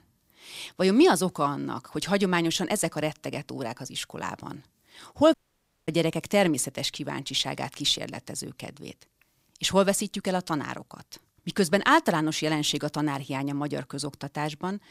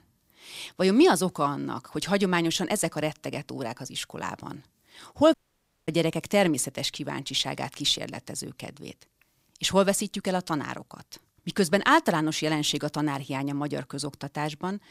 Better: neither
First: audio cutting out; at 5.5 s for 0.5 s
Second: audio cutting out; at 5.5 s for 0.5 s

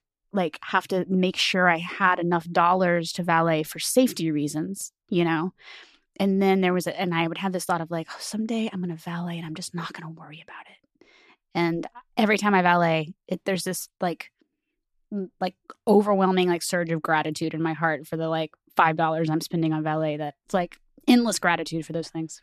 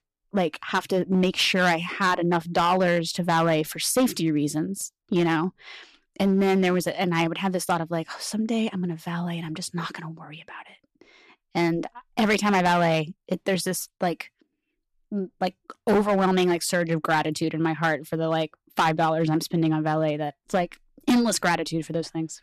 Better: first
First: none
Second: distortion; slight; 5% of the sound clipped

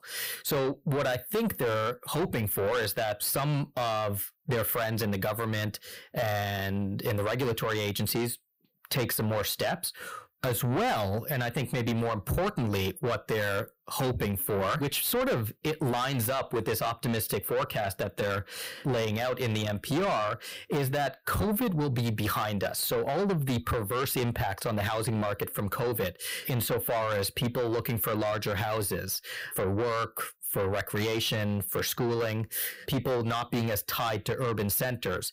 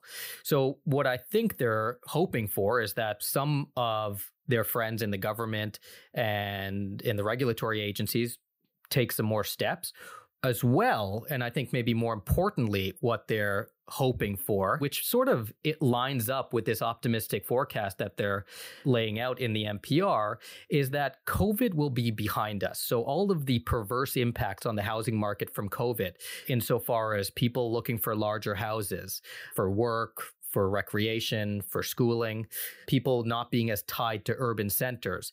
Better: second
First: distortion; heavy; 7 dB below the speech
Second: none

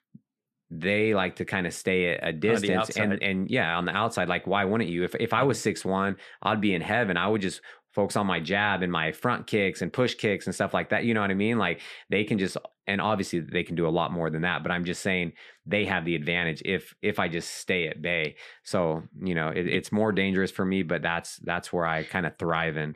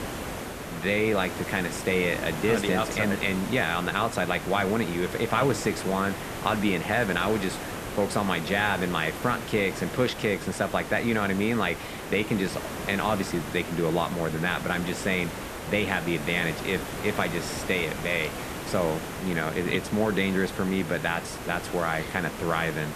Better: first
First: none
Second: hiss; loud; throughout; 8 dB below the speech

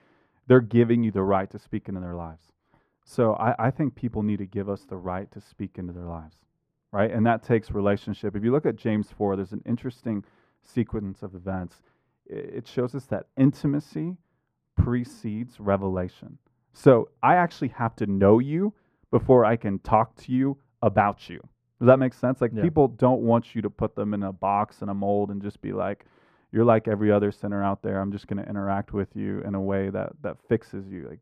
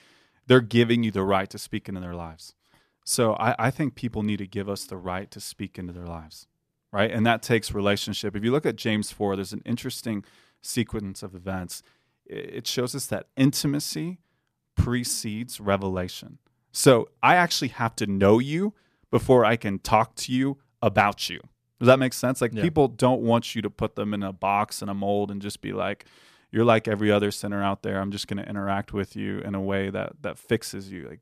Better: second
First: muffled; very; fading above 2.5 kHz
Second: none

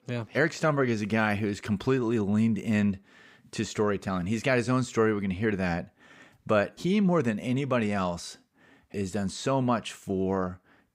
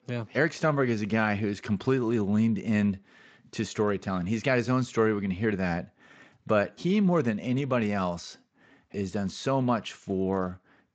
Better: first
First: none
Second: garbled, watery; slightly; nothing above 7.5 kHz

